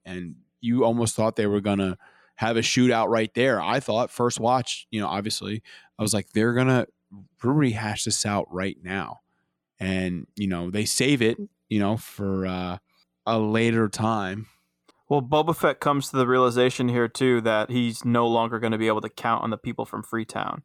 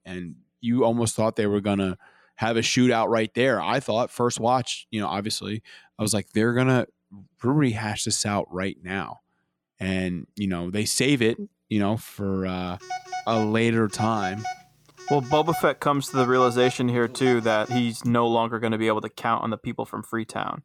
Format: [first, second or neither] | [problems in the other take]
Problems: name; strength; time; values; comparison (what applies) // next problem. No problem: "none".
first | phone ringing; noticeable; from 13 to 18 s; peak 8 dB below the speech